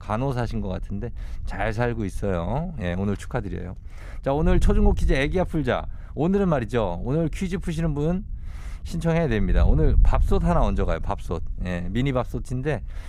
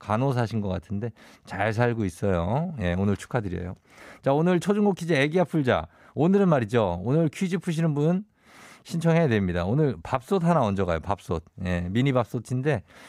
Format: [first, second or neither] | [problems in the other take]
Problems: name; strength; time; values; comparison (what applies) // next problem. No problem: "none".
second | wind noise on the microphone; occasional gusts; 20 dB below the speech